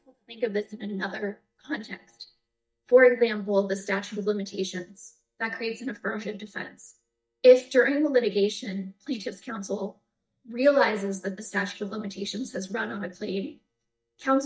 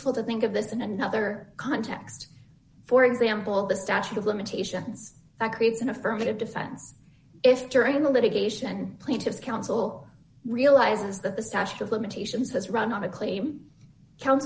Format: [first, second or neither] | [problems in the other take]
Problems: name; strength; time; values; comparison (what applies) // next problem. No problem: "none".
second | noise reduction (neural mask model DeepFilterNet 3)